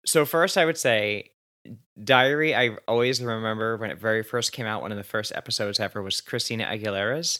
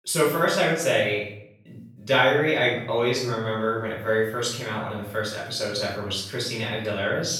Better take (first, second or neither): first